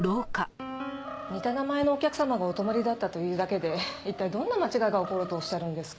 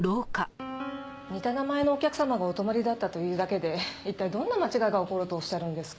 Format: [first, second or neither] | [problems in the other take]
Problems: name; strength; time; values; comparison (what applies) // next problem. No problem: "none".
second | background sound (Animal); 17 dB below the speech